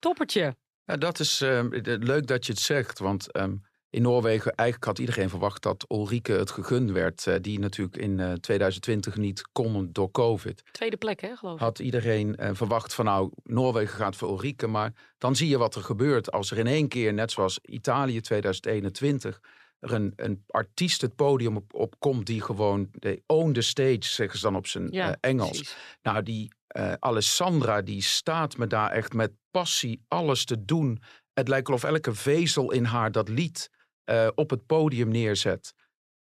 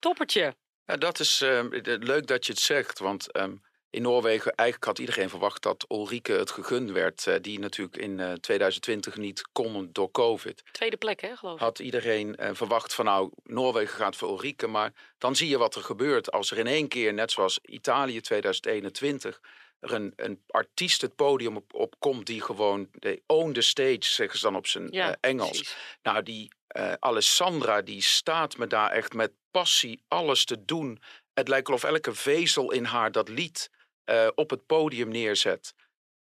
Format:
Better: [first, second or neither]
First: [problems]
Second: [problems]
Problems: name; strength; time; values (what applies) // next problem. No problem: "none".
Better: first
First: none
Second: thin; somewhat; fading below 350 Hz